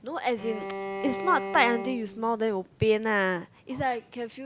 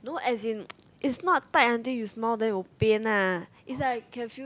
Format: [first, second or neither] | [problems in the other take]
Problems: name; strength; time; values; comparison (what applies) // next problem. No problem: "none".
second | background sound (Bowed string instrument); 8 dB below the speech